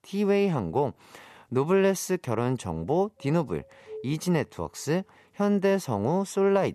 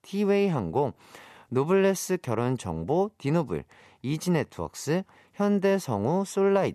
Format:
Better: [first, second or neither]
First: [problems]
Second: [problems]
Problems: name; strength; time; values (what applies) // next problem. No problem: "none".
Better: second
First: doorbell; faint; at 3 s; peak 15 dB below the speech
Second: none